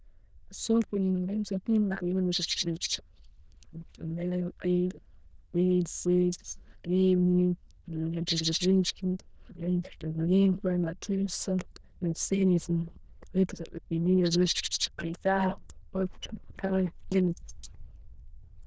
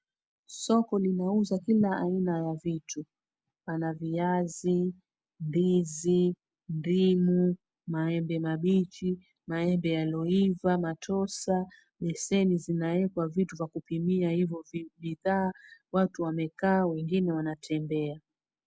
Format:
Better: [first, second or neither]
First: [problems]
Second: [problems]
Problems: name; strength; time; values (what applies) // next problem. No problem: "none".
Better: second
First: noise reduction (neural diffusion model UNIVERSE++)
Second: none